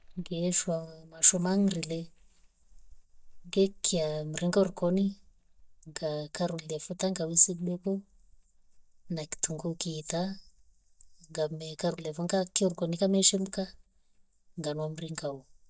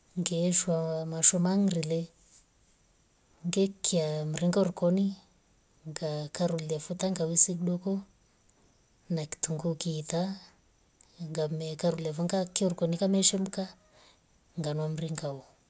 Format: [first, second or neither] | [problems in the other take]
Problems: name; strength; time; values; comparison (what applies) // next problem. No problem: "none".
second | noise reduction (neural mask model DeepFilterNet 3)